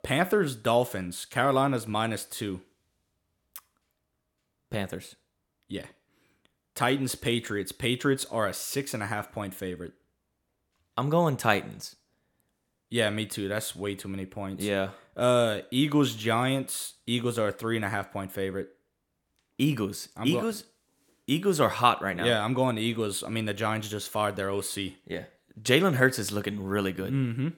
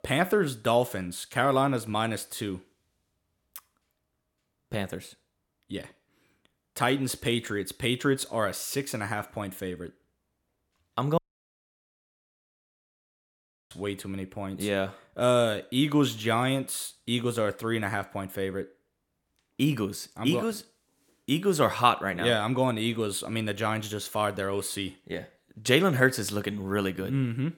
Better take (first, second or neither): first